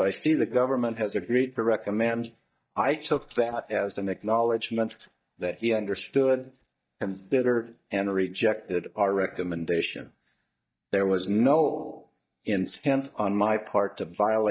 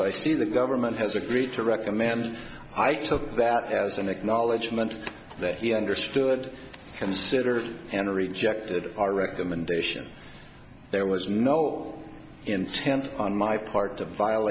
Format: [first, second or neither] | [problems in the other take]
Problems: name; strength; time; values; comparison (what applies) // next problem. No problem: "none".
second | noise reduction (neural mask model DeepFilterNet 3)